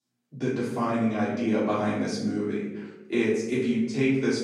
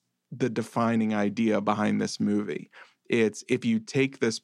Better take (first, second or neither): second